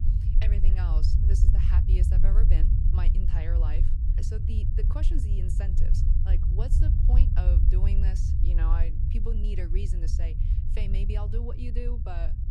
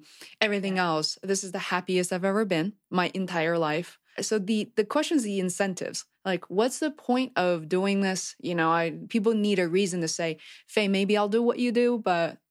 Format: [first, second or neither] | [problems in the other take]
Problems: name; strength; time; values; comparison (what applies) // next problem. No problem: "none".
second | low rumble; loud; throughout; 1 dB below the speech